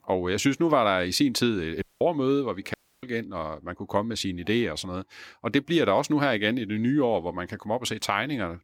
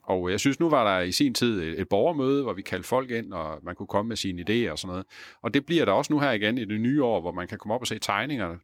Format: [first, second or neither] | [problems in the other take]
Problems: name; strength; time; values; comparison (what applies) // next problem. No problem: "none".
second | audio cutting out; at 2 s and at 2.5 s